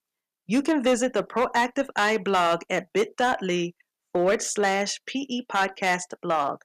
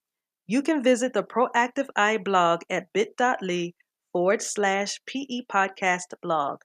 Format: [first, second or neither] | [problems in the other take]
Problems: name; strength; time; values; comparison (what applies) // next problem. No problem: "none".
second | distortion; slight; 5% of the sound clipped